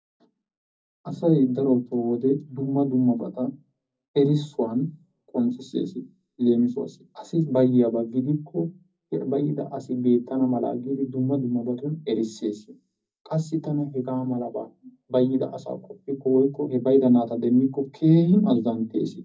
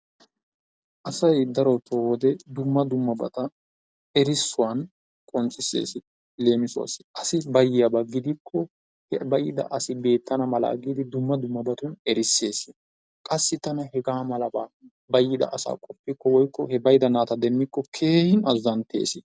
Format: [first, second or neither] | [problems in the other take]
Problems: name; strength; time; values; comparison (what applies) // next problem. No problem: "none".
second | room echo; dies away in 0.4 s